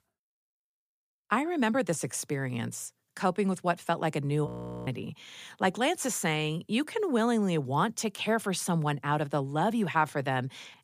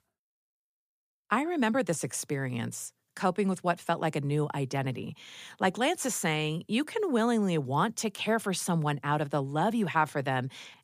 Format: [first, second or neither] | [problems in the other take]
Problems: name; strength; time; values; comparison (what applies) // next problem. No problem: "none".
second | audio freezing; at 4.5 s